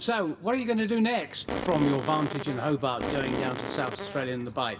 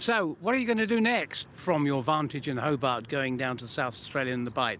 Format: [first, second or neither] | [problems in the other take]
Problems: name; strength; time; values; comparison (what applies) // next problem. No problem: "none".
second | background sound (Fart); 5 dB below the speech // room echo; dies away in 0.9 s